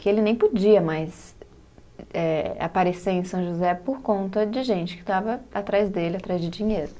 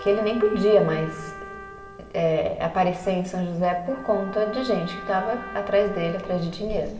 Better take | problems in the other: first | background sound (Trumpet); 15 dB below the speech // room echo; dies away in 2.5 s

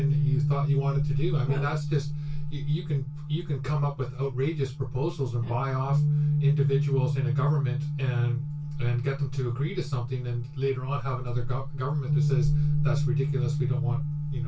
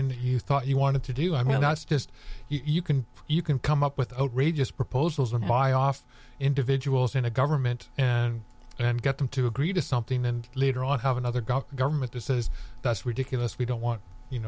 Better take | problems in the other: second | background sound (Bass guitar); 1 dB below the speech // room echo; dies away in 0.1 s

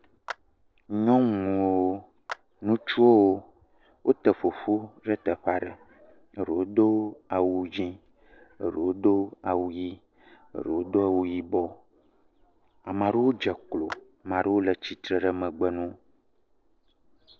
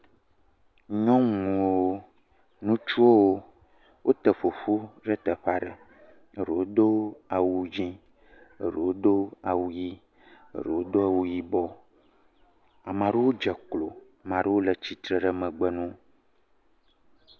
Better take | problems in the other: second | noise reduction (neural separator model SepFormer DNS4)

